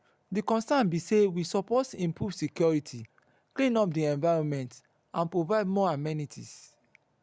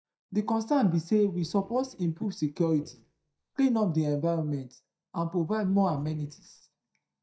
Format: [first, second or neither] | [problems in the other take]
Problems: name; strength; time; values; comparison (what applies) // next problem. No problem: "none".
first | noise reduction (neural mask model DeepFilterNet 3)